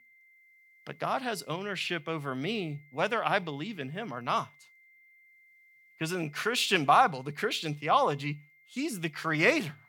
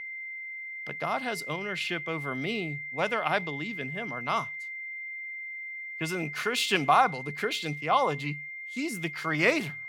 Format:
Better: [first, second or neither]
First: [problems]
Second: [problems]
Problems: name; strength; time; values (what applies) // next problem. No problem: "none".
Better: first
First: high-pitched whine; faint; throughout; 2 kHz, 30 dB below the speech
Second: high-pitched whine; loud; throughout; 2 kHz, 7 dB below the speech